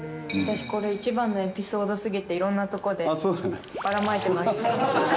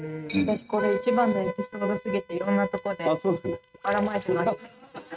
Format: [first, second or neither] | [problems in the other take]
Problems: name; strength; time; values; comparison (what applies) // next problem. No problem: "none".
first | noise reduction (neural mask model RNNoise)